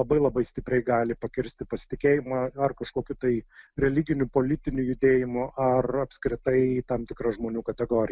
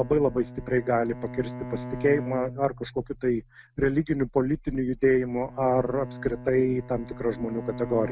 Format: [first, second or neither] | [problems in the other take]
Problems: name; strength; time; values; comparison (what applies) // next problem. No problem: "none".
first | background sound (Bowed string instrument); 14 dB below the speech